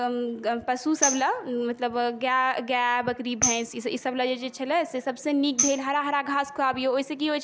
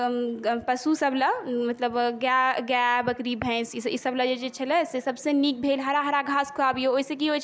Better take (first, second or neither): second